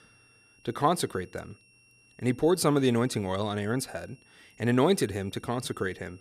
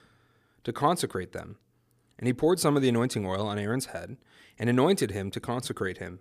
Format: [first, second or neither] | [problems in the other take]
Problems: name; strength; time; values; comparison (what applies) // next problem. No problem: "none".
second | high-pitched whine; faint; throughout; 2.5 kHz, 30 dB below the speech